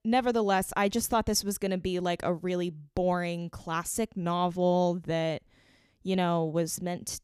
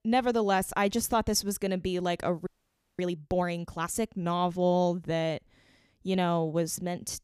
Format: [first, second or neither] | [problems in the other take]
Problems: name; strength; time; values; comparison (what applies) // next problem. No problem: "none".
first | audio freezing; at 2.5 s for 0.5 s